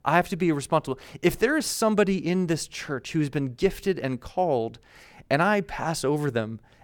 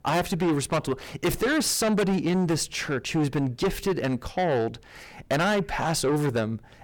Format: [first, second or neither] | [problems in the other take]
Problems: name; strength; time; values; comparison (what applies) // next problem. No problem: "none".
first | distortion; heavy; 6 dB below the speech